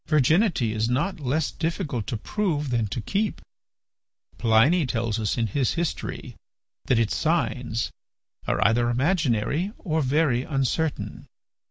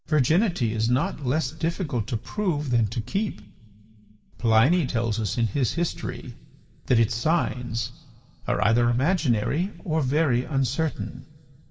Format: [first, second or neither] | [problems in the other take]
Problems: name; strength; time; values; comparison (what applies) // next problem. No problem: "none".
first | room echo; dies away in 1.4 s